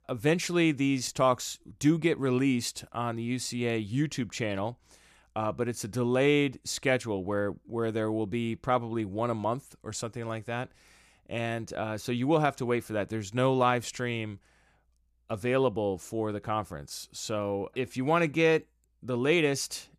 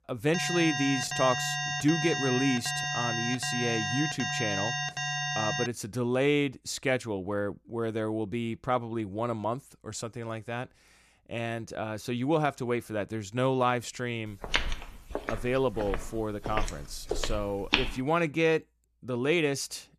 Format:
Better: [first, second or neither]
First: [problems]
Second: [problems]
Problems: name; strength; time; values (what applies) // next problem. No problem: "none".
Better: first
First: none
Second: alarm; loud; until 5.5 s; peak 1 dB above the speech // footsteps; loud; from 14 to 18 s; peak 3 dB above the speech